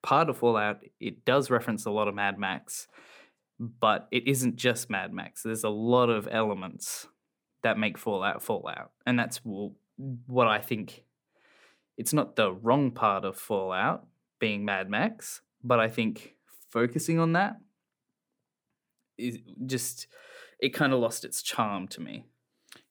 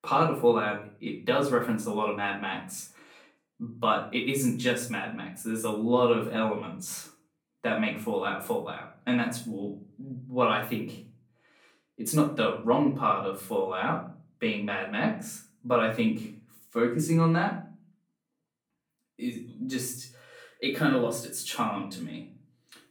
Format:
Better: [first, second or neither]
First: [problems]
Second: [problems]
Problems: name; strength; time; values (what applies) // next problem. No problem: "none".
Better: first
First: none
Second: room echo; slight; dies away in 0.4 s // off-mic speech; far